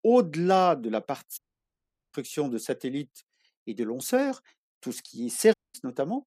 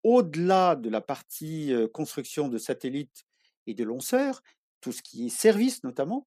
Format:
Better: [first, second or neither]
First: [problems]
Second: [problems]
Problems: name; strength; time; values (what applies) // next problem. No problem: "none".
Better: second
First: audio cutting out; at 1.5 s for 1 s and at 5.5 s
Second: none